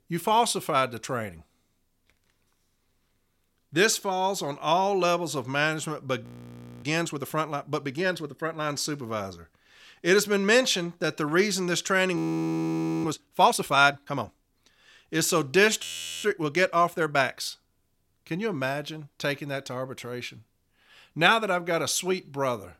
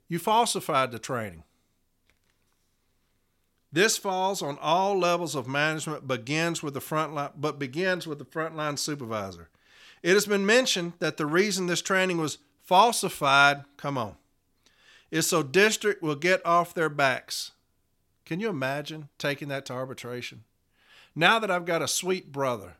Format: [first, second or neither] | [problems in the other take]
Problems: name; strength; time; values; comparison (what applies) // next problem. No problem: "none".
second | audio freezing; at 6 s for 0.5 s, at 12 s for 1 s and at 16 s